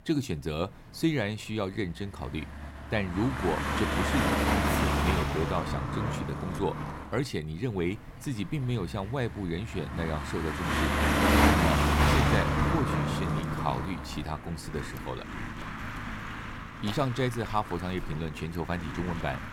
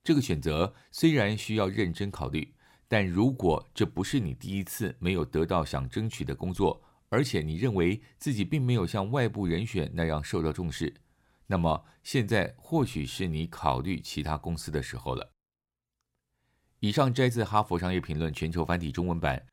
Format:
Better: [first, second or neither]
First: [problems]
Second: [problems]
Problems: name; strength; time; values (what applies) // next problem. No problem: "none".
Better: second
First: traffic noise; very loud; throughout; 4 dB above the speech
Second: none